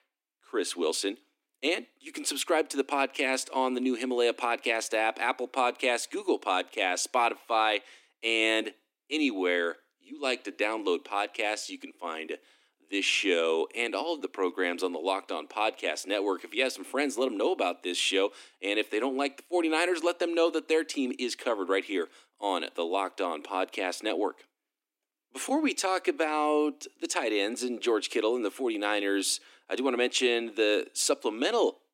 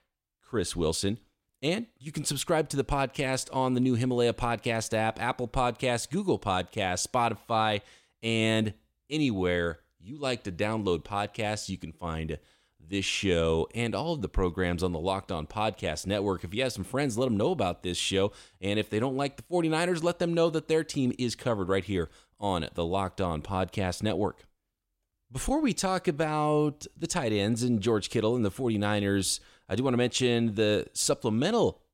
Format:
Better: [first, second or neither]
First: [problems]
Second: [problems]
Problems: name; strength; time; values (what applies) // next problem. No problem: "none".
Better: second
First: thin; very slightly; fading below 250 Hz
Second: none